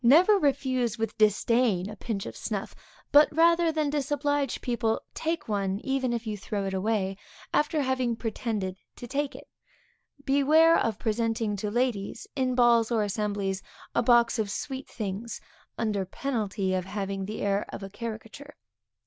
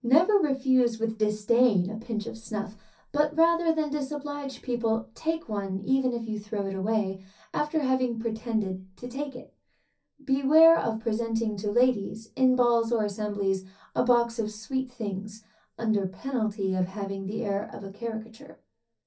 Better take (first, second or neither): first